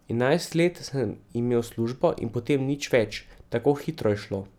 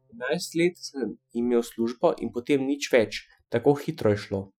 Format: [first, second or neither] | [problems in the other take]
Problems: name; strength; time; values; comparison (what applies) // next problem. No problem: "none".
first | noise reduction (classical method Wiener filter)